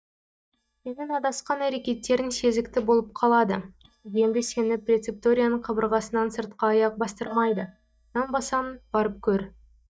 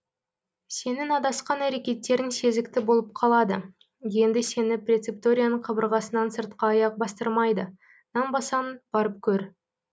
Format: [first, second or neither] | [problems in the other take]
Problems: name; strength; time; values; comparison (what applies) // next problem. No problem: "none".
second | noise reduction (neural mask model DeepFilterNet 3)